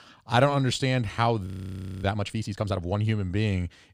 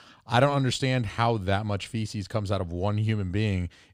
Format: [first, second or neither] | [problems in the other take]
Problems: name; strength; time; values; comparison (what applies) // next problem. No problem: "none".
second | audio freezing; at 1.5 s for 0.5 s